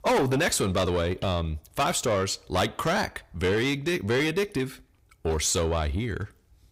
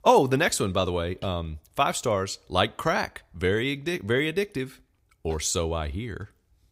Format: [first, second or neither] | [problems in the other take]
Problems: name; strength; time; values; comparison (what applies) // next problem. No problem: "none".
second | distortion; heavy; 7 dB below the speech